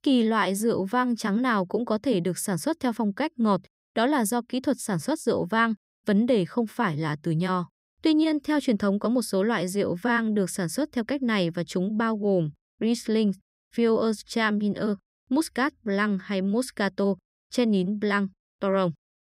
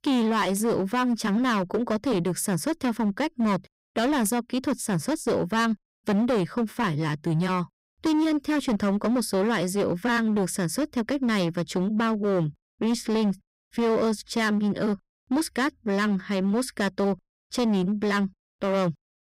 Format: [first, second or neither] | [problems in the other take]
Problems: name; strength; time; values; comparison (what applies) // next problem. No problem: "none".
first | distortion; slight; 15% of the sound clipped